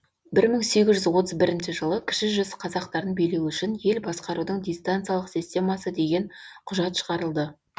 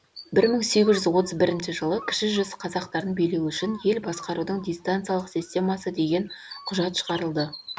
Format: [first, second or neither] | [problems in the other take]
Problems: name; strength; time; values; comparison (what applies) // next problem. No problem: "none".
first | background sound (Bird); 19 dB below the speech